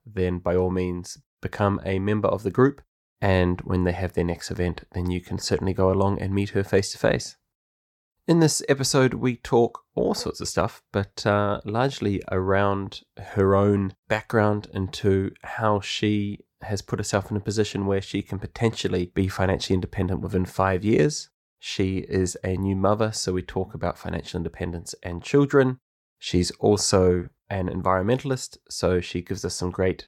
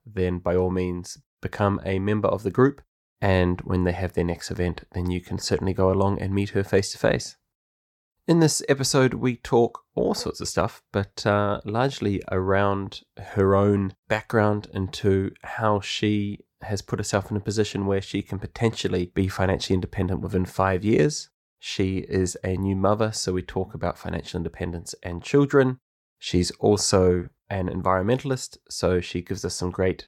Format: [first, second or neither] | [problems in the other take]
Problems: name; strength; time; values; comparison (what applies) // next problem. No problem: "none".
neither | none